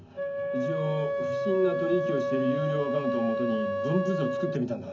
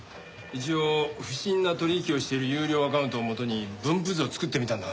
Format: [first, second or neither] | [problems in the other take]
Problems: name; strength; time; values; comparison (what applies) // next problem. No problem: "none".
second | background sound (Wind instrument, woodwind instrument); as loud as the speech // room echo; dies away in 0.3 s